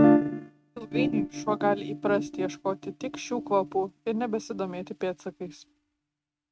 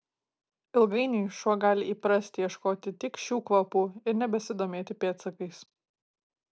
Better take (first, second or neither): second